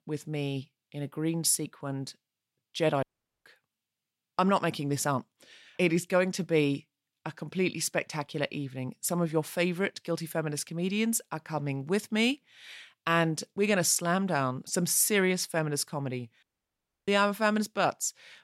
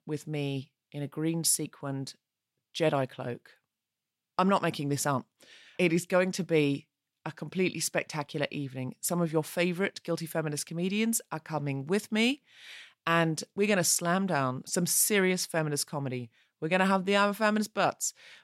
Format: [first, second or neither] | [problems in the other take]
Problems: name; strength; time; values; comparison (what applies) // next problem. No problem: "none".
second | audio cutting out; at 3 s and at 16 s for 0.5 s